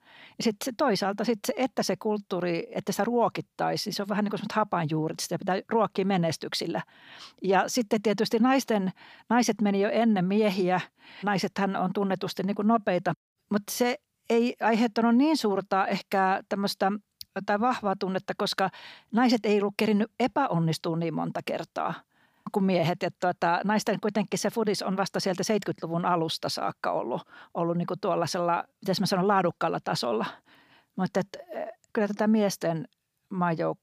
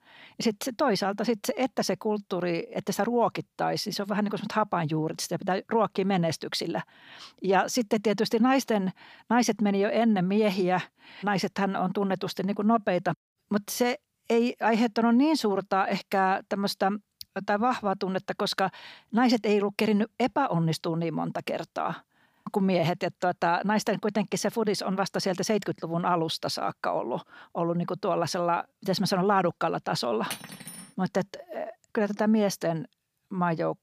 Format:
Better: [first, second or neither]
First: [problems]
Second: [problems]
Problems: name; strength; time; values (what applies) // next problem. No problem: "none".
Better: first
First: none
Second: clattering dishes; noticeable; at 30 s; peak 10 dB below the speech